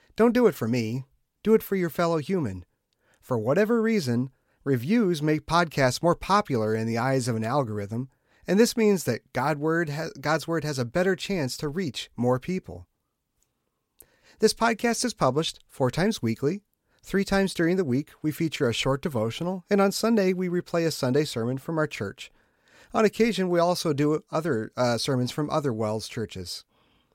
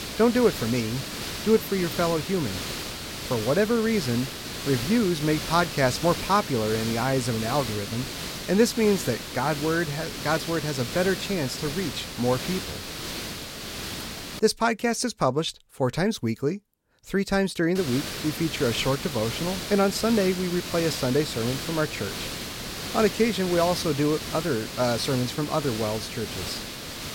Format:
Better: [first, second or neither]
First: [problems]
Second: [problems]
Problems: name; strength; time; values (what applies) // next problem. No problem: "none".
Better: first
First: none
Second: hiss; loud; until 14 s and from 18 s on; 7 dB below the speech